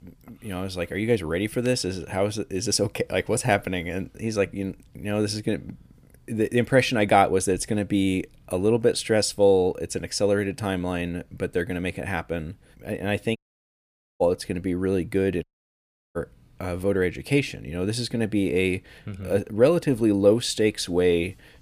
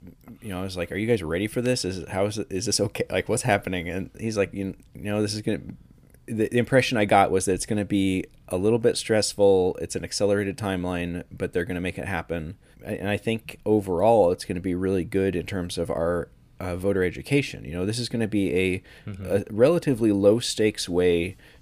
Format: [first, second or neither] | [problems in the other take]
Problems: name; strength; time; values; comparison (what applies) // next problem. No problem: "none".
second | audio cutting out; at 13 s for 1 s and at 15 s for 0.5 s